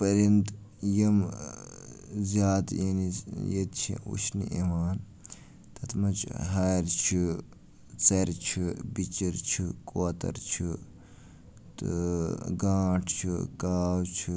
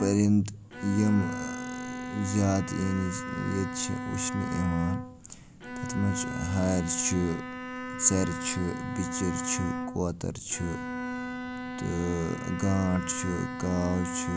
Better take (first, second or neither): first